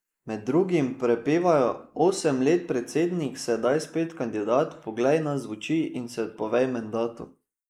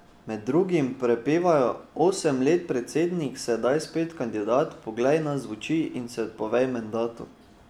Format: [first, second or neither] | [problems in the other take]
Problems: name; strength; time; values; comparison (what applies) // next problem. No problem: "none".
second | noise reduction (neural mask model Resemble Enhance denoiser)